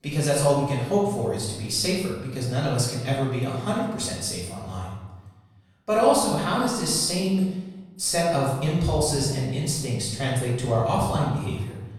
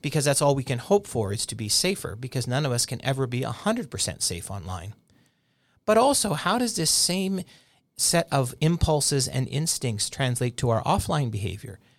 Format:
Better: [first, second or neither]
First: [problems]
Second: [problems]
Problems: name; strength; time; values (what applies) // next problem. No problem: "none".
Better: second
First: room echo; noticeable; dies away in 1 s // off-mic speech; far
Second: none